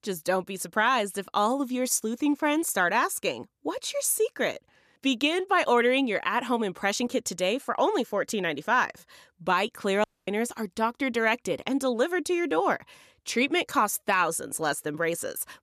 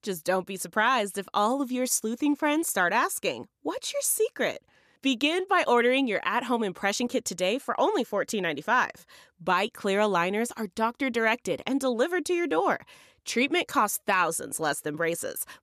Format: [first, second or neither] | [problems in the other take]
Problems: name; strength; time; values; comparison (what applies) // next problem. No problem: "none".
second | audio cutting out; at 10 s